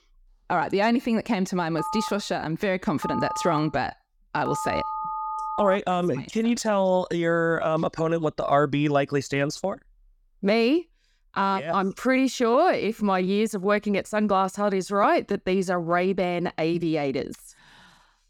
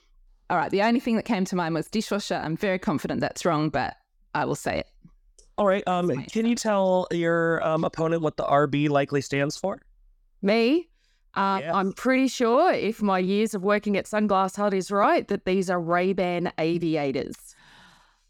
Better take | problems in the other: second | phone ringing; noticeable; from 2 to 6 s; peak 5 dB below the speech

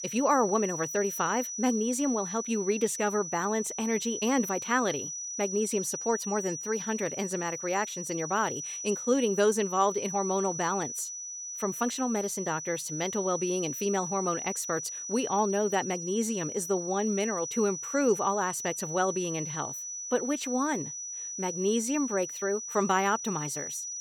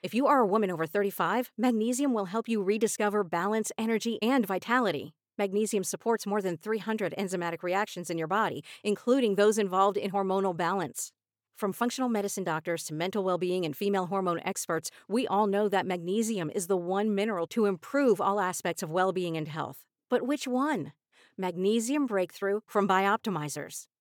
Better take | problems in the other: second | high-pitched whine; loud; throughout; 6 kHz, 5 dB below the speech

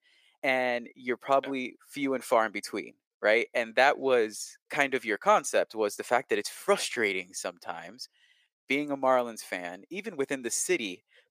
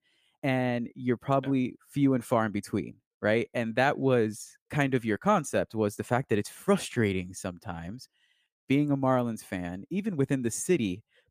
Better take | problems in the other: second | thin; somewhat; fading below 500 Hz

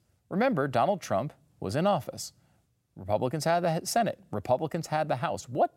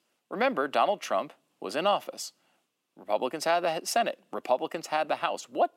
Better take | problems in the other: first | thin; somewhat; fading below 250 Hz

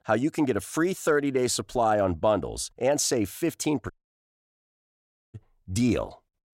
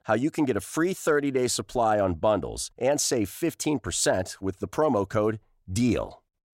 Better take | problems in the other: second | audio cutting out; at 4 s for 1.5 s

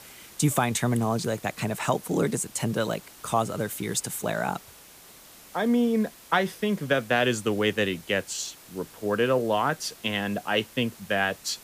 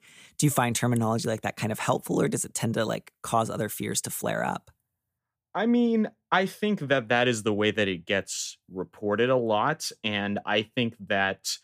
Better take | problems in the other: second | hiss; faint; throughout; 20 dB below the speech

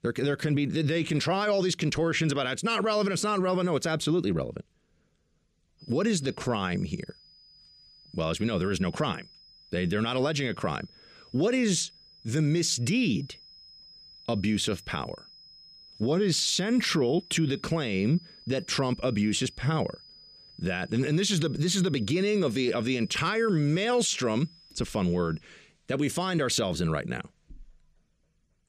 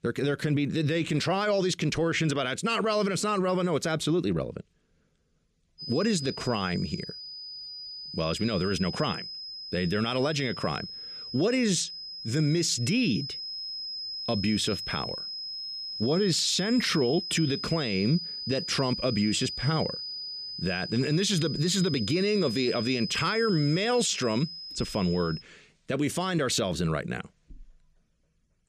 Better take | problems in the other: first | high-pitched whine; loud; from 6 to 25 s; 5 kHz, 7 dB below the speech; faint in the first

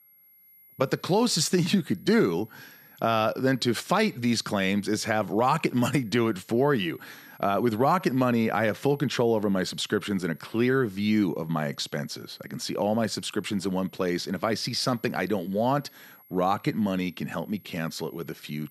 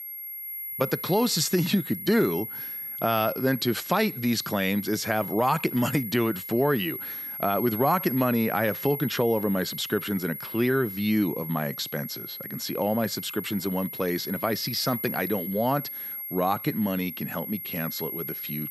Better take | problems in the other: first | high-pitched whine; loud; throughout; 11.5 kHz, 7 dB below the speech; faint in the first

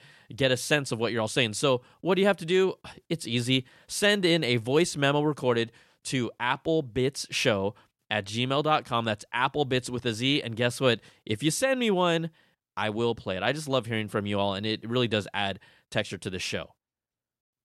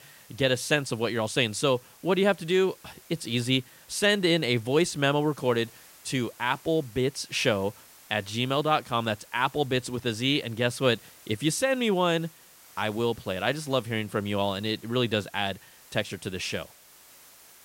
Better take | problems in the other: first | hiss; faint; throughout; 25 dB below the speech

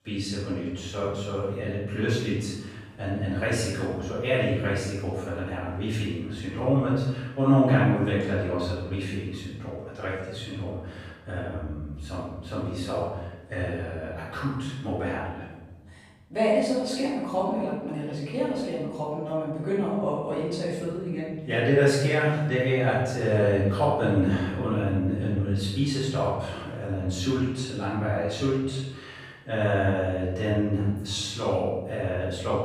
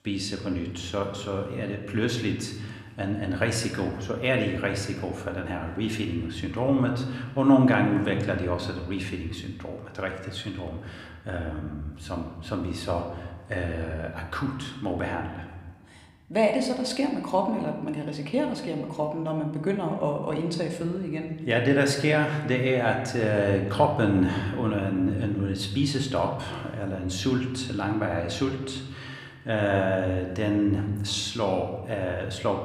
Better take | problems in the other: second | room echo; strong; dies away in 1 s; slight in the second // off-mic speech; far

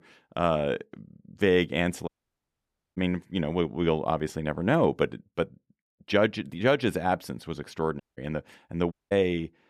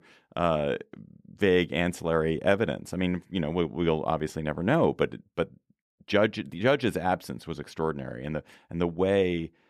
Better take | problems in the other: second | audio cutting out; at 2 s for 1 s, at 8 s and at 9 s

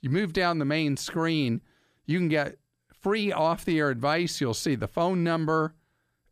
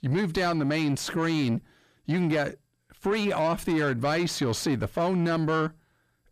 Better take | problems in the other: first | distortion; slight; 10 dB below the speech

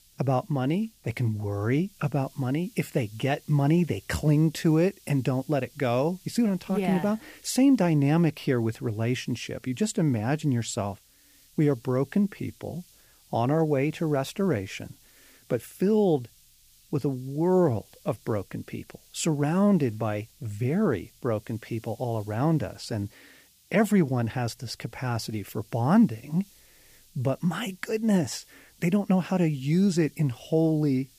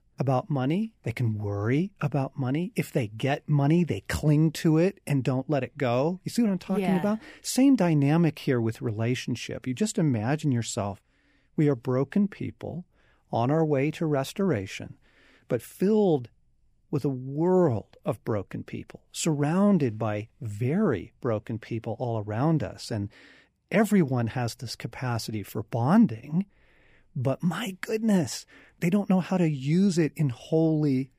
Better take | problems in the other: second | hiss; faint; throughout; 30 dB below the speech

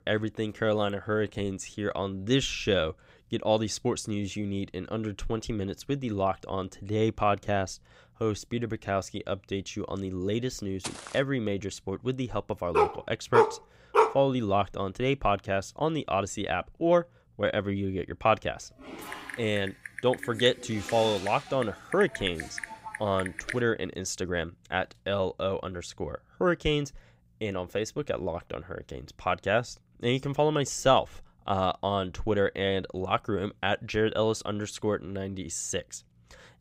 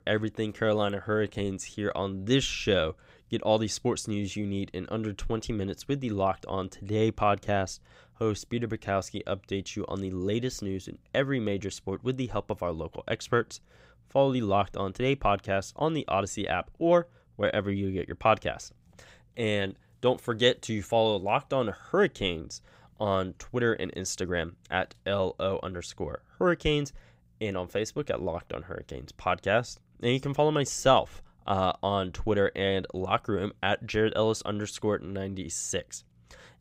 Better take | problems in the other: second | footsteps; noticeable; at 11 s; peak 9 dB below the speech // dog barking; loud; from 13 to 14 s; peak 5 dB above the speech // keyboard typing; noticeable; from 19 to 24 s; peak 6 dB below the speech

